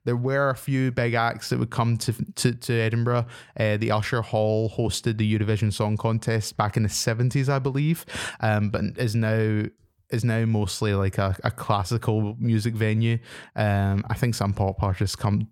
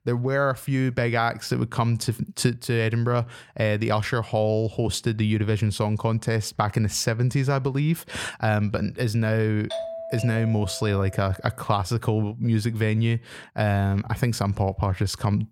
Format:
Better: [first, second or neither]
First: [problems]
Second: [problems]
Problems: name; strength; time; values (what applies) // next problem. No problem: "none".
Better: first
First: none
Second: doorbell; noticeable; from 9.5 to 11 s; peak 7 dB below the speech